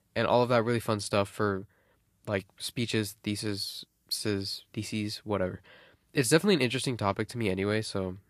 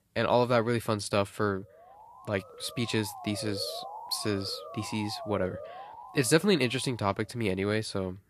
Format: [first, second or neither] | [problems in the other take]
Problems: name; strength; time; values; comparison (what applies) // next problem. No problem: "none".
first | siren; noticeable; from 1.5 to 7 s; peak 10 dB below the speech